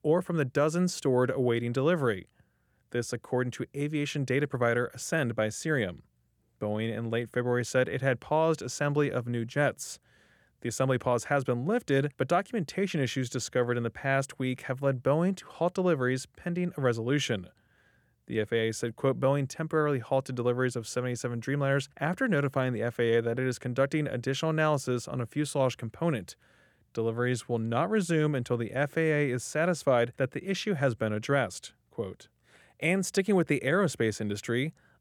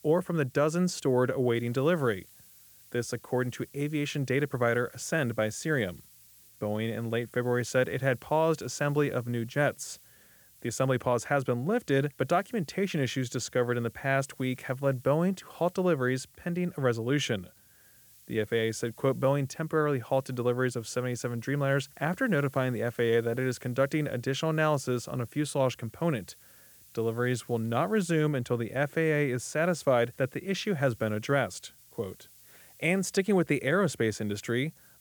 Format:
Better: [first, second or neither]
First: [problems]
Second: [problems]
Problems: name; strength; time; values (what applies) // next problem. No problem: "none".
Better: first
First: none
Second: hiss; faint; throughout; 25 dB below the speech